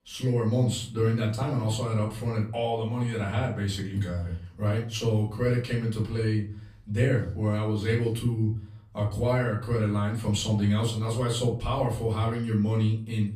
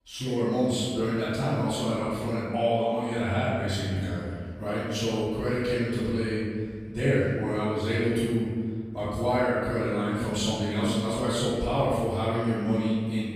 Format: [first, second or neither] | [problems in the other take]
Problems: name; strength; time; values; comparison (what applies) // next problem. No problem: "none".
first | room echo; strong; dies away in 1.8 s; slight in the first // off-mic speech; far; far in the first